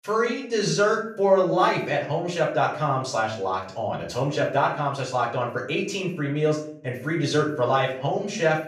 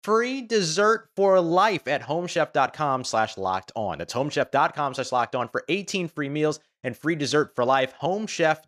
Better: second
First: off-mic speech; far // room echo; slight; dies away in 0.5 s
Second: none

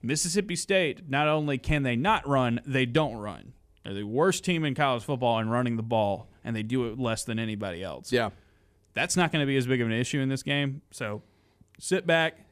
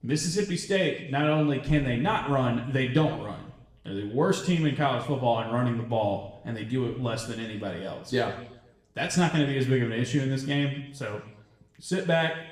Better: first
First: none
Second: room echo; slight; dies away in 0.8 s // off-mic speech; far

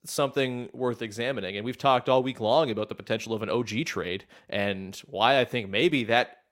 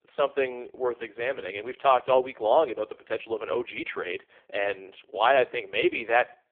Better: first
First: none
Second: phone-call audio; poor line; nothing above 3.5 kHz

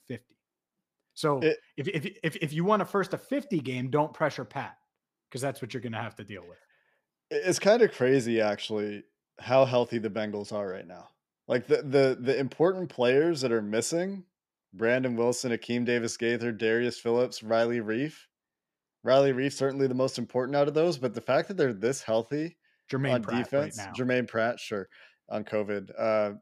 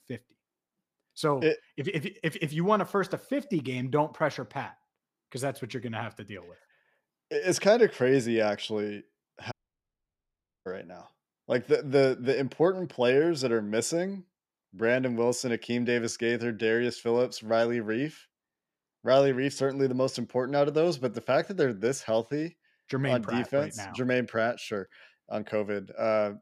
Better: first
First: none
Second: audio cutting out; at 9.5 s for 1 s

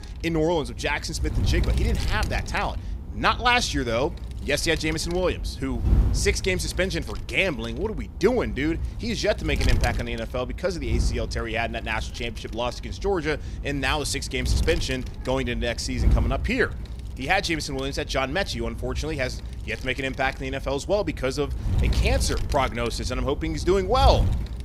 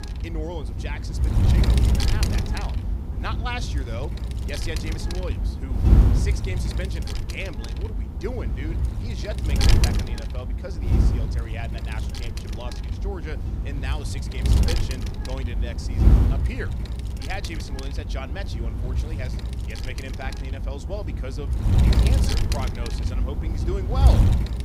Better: first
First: wind noise on the microphone; occasional gusts; 15 dB below the speech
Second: wind noise on the microphone; heavy; 1 dB above the speech

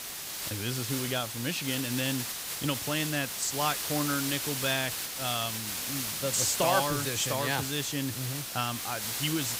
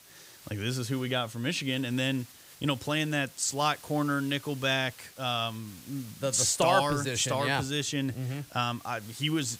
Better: second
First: hiss; loud; throughout; 2 dB below the speech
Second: hiss; faint; throughout; 20 dB below the speech

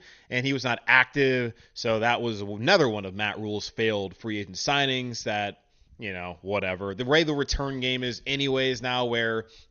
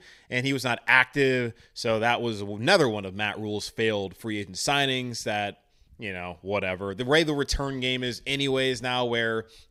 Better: second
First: garbled, watery; slightly; nothing above 6.5 kHz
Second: none

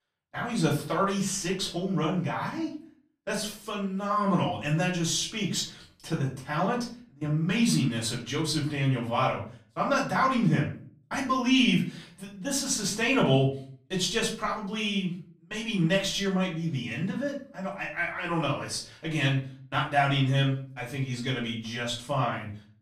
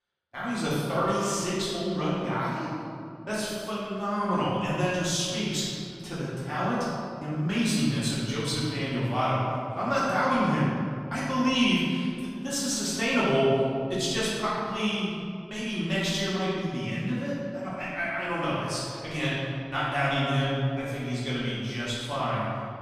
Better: first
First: room echo; slight; dies away in 0.4 s // off-mic speech; far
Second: room echo; strong; dies away in 2.4 s // off-mic speech; far

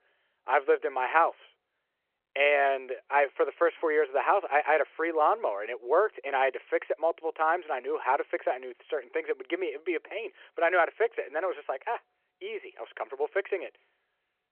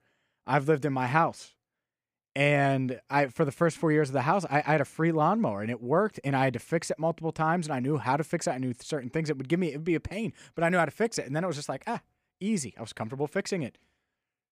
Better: second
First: phone-call audio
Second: none

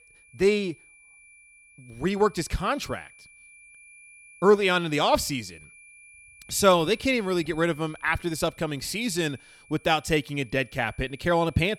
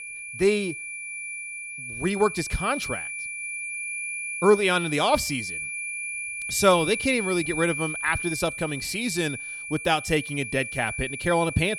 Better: first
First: high-pitched whine; faint; throughout; 2.5 kHz, 25 dB below the speech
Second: high-pitched whine; loud; throughout; 2.5 kHz, 6 dB below the speech

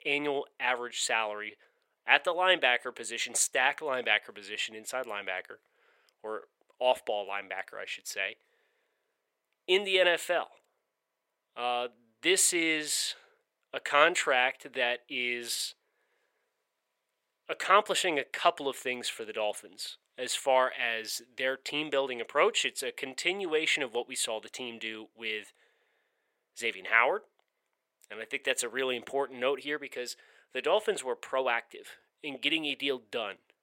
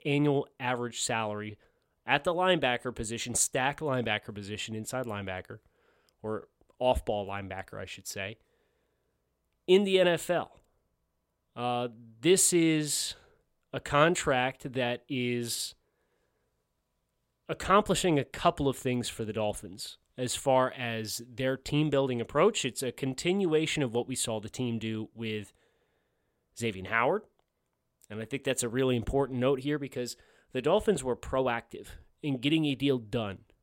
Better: second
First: thin; somewhat; fading below 550 Hz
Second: none

